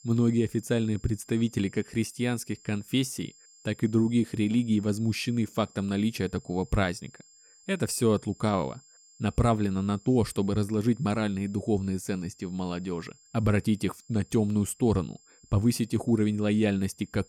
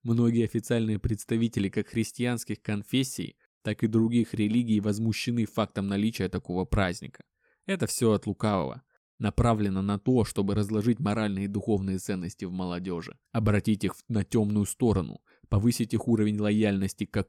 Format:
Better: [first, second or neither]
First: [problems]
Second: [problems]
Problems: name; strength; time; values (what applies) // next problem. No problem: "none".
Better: second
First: high-pitched whine; faint; throughout; 7.5 kHz, 25 dB below the speech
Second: none